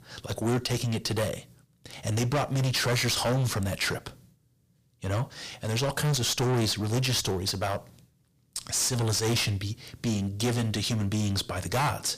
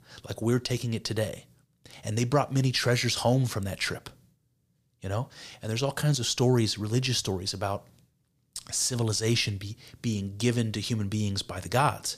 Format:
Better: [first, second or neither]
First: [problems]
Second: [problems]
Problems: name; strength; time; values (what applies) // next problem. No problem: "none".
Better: second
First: distortion; heavy; 17% of the sound clipped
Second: none